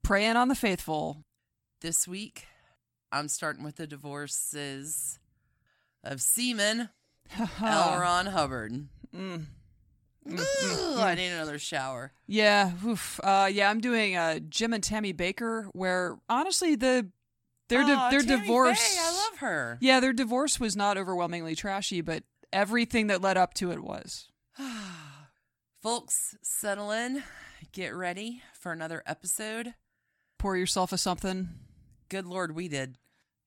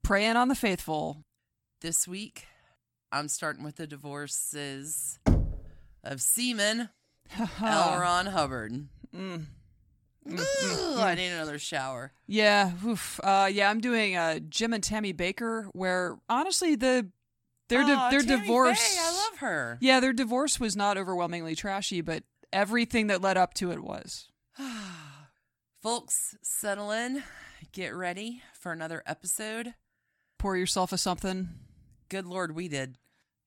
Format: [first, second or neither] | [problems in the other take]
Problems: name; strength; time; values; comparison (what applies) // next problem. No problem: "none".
first | door banging; loud; at 5.5 s; peak 1 dB above the speech